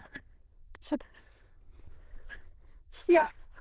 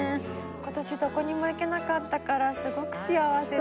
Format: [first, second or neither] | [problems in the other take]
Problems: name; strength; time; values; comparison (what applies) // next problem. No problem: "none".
second | noise reduction (neural diffusion model UNIVERSE++)